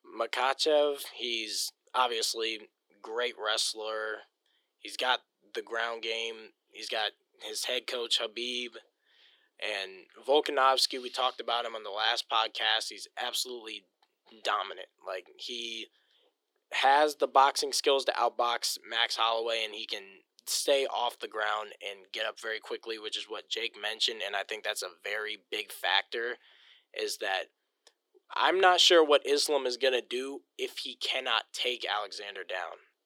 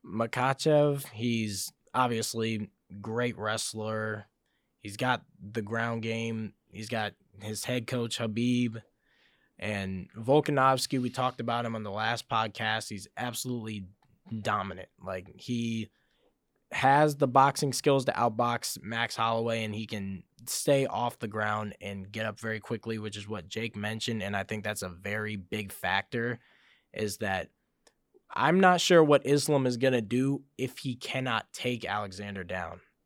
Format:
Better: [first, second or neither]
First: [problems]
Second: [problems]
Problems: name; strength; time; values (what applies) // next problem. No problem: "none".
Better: second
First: thin; very; fading below 350 Hz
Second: none